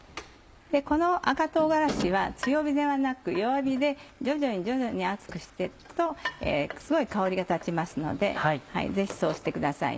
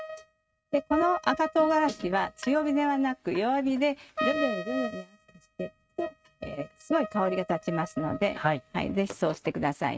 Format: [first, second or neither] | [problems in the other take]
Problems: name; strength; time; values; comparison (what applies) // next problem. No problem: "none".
first | noise reduction (neural mask model RNNoise)